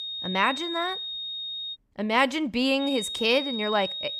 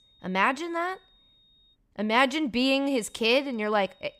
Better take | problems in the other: second | high-pitched whine; loud; until 1.5 s and from 3 s on; 3.5 kHz, 6 dB below the speech; faint in the second

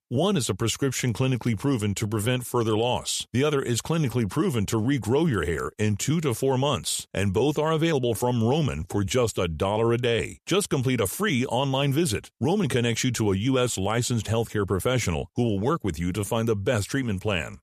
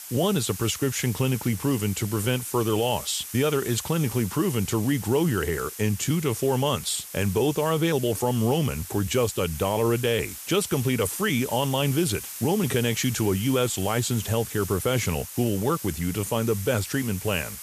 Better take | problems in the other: first | hiss; noticeable; throughout; 10 dB below the speech

